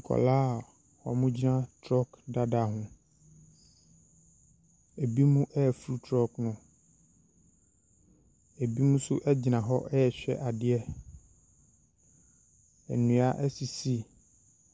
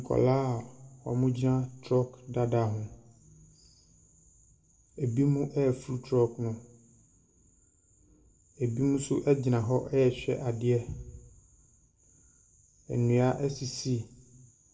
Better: first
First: none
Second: room echo; dies away in 0.5 s

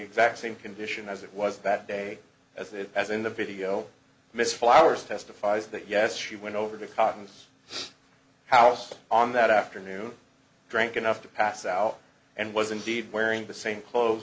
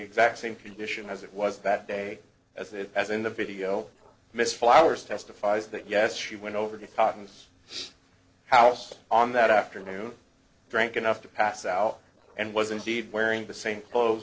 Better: first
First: none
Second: noise reduction (neural separator model SepFormer DNS4)

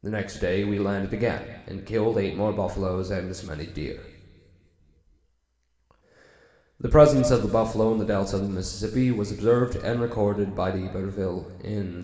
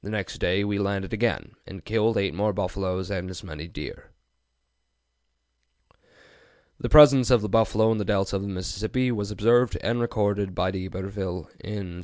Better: second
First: room echo; dies away in 2.1 s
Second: none

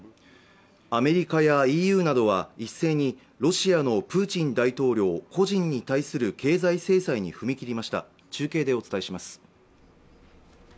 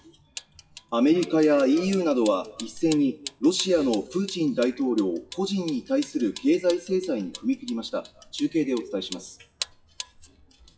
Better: first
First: none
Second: noise reduction (classical method WPE with log-MMSE)

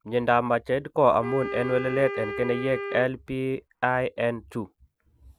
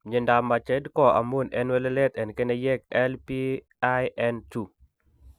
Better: second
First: background sound (Wind instrument, woodwind instrument); 9 dB below the speech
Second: none

